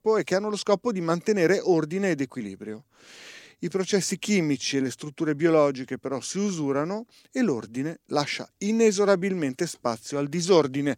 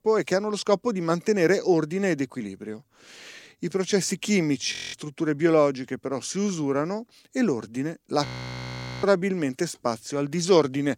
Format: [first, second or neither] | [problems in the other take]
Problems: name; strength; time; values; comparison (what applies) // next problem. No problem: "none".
first | audio freezing; at 4.5 s and at 8.5 s for 1 s